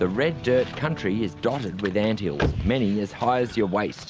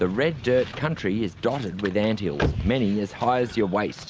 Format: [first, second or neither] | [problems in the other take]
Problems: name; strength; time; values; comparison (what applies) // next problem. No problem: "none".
second | background sound (Guitar); 19 dB below the speech